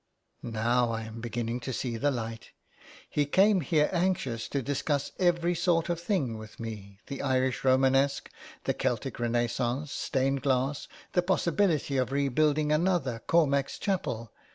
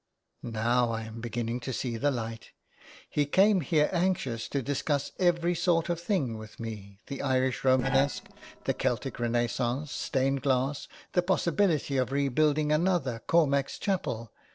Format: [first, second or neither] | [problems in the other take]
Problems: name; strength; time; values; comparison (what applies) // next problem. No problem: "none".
first | noise reduction (neural separator model SepFormer DNS4)